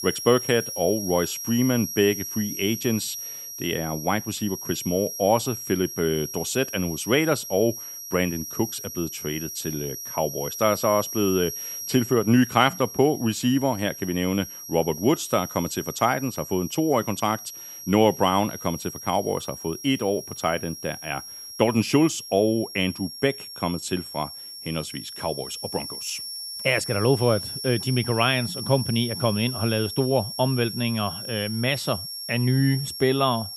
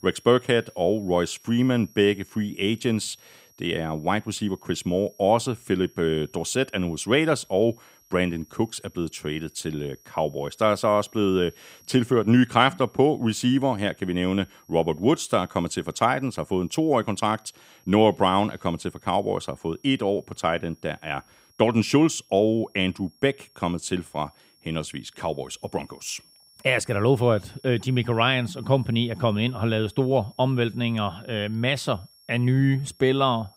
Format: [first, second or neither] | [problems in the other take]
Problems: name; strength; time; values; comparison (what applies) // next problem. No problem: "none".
second | high-pitched whine; loud; throughout; 5.5 kHz, 8 dB below the speech; faint in the second